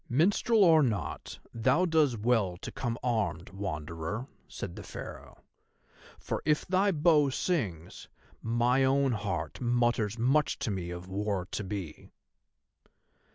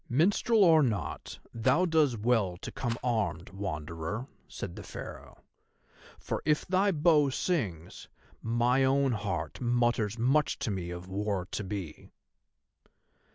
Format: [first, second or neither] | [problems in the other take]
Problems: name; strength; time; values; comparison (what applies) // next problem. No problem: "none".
first | background sound (Rattle); 19 dB below the speech